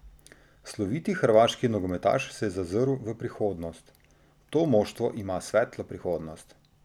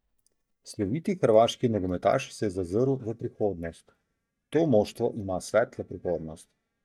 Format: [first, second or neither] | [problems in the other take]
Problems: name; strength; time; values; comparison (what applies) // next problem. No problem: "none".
first | noise reduction (neural mask model DeepFilterNet 3)